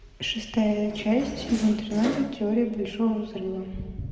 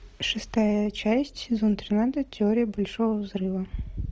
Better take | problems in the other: second | background sound (Door); 10 dB below the speech // room echo; dies away in 1.9 s

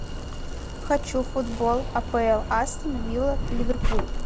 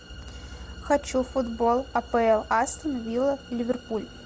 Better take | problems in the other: second | background sound (Zipper (clothing)); 1 dB below the speech

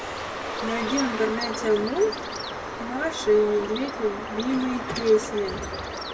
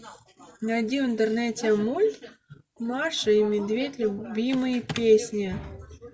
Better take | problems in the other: second | background sound (Bird); 6 dB below the speech // room echo; dies away in 2.2 s

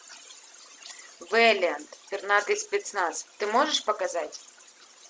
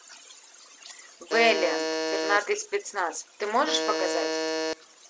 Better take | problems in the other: first | background sound (Alarm); 1 dB below the speech

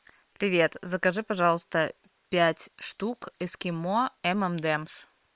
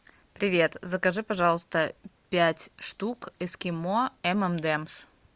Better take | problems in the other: second | noise reduction (neural separator model SepFormer WHAM!)

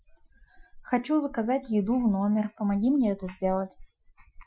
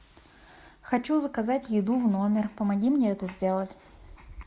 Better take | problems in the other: second | noise reduction (classical method Wiener filter)

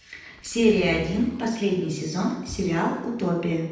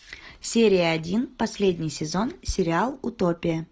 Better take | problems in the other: second | background sound (Zipper (clothing)); 17 dB below the speech // room echo; dies away in 0.9 s

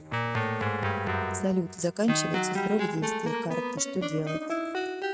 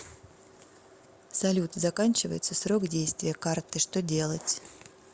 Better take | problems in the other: second | noise reduction (neural mask model RNNoise)

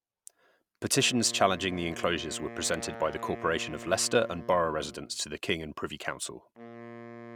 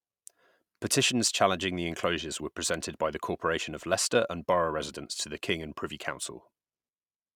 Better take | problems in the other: second | background sound (Wind instrument, woodwind instrument); 15 dB below the speech

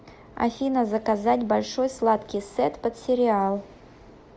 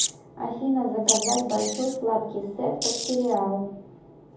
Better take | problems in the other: first | background sound (Wild animals); 4 dB below the speech // room echo; dies away in 0.7 s

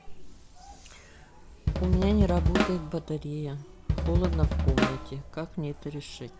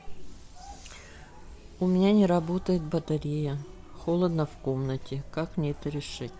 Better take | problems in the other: second | background sound (Drum kit); 4 dB above the speech

